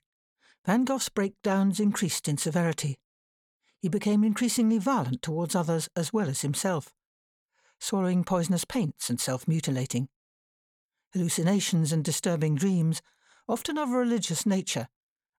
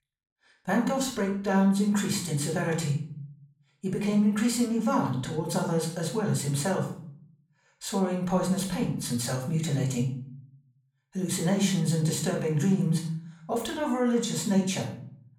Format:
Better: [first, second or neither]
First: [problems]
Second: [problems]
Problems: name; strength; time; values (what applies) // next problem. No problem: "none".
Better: first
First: none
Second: room echo; slight; dies away in 0.5 s // off-mic speech; far